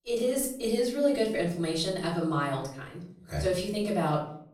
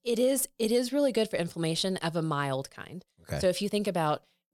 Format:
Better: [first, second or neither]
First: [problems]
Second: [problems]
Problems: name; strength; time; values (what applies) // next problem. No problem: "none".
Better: second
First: off-mic speech; far // room echo; slight; dies away in 0.5 s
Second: none